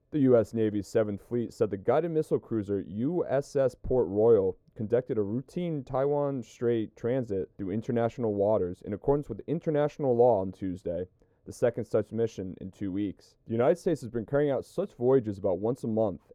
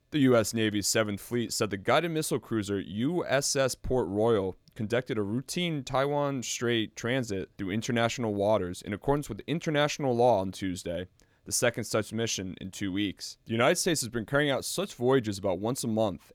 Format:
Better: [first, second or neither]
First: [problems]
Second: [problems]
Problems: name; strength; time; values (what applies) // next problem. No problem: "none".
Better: second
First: muffled; very; fading above 1.5 kHz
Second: none